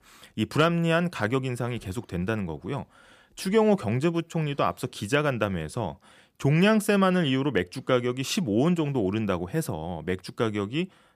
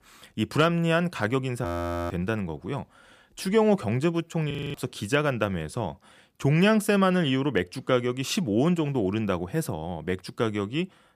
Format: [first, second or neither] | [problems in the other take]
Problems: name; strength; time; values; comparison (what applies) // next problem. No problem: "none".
first | audio freezing; at 1.5 s and at 4.5 s